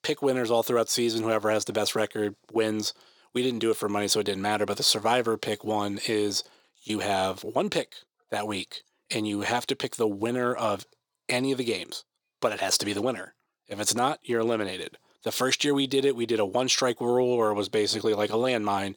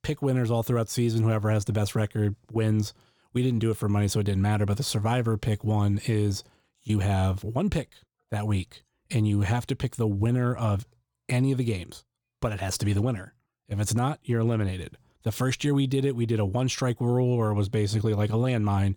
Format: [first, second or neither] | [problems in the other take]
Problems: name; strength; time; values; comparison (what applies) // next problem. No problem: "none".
second | thin; somewhat; fading below 400 Hz